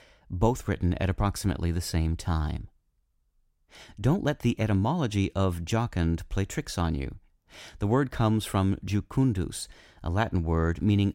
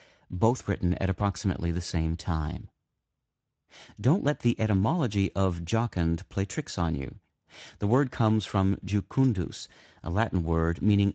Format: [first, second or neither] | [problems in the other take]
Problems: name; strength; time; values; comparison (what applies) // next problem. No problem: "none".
first | garbled, watery; slightly; nothing above 7.5 kHz